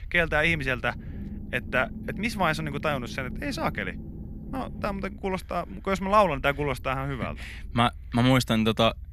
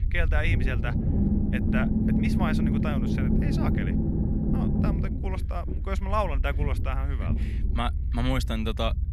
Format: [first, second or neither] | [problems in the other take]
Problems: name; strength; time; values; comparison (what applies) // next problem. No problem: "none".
first | low rumble; loud; throughout; 1 dB below the speech; faint in the first